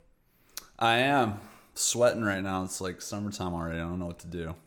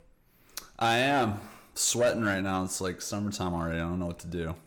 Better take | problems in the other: first | distortion; slight; 10 dB below the speech

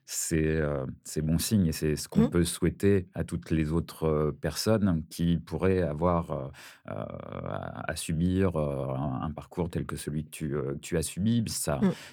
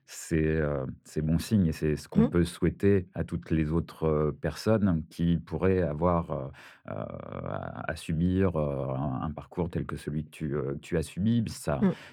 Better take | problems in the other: first | muffled; slightly; fading above 4 kHz

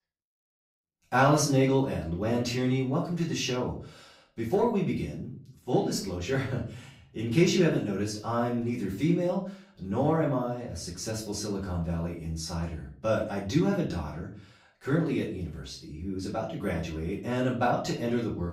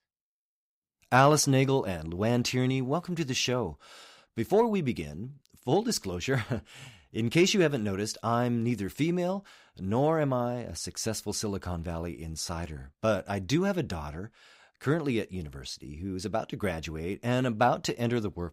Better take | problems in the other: second | off-mic speech; far // room echo; slight; dies away in 0.4 s

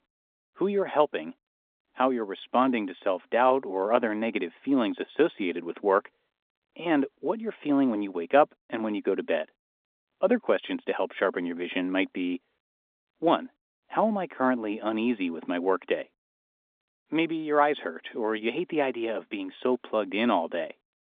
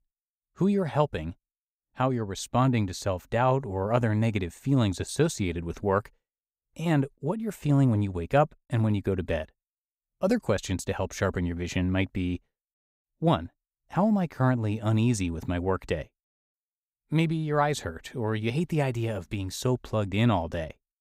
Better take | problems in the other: second | phone-call audio

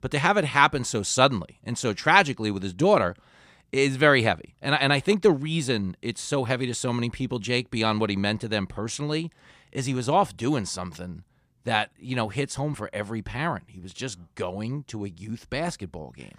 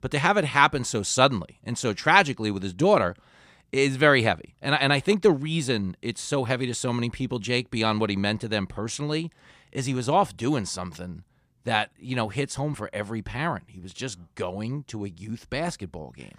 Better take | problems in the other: neither | none

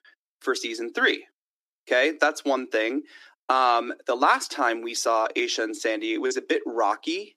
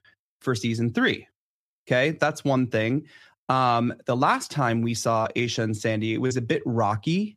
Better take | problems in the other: second | thin; somewhat; fading below 300 Hz

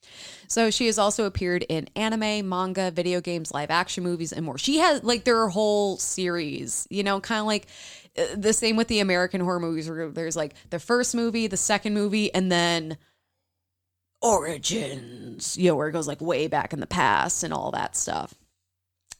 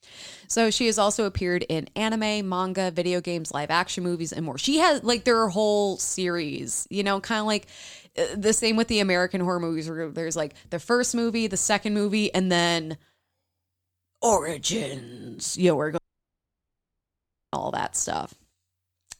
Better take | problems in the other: first | audio cutting out; at 16 s for 1.5 s

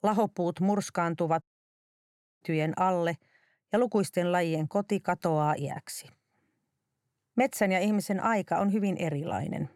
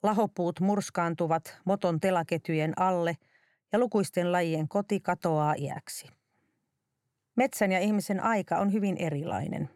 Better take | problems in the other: second | audio cutting out; at 1.5 s for 1 s

